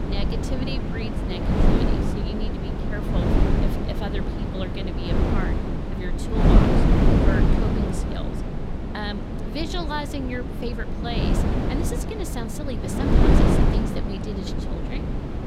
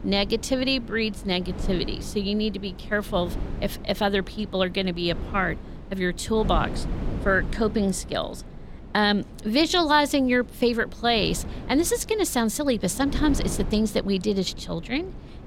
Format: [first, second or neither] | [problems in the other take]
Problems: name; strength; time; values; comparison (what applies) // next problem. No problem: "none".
second | wind noise on the microphone; heavy; 4 dB above the speech; occasional gusts in the second